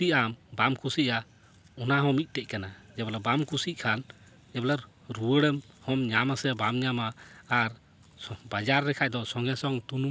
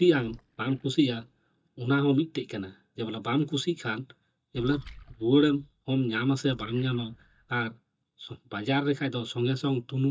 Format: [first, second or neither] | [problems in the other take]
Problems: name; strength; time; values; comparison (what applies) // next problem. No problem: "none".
first | noise reduction (neural mask model DeepFilterNet 3)